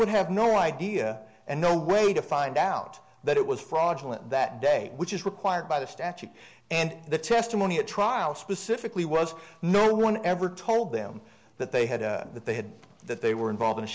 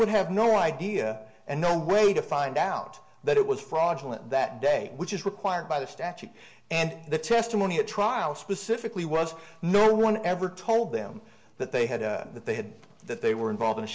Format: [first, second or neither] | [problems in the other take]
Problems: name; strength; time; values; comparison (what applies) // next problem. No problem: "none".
first | room echo; dies away in 0.2 s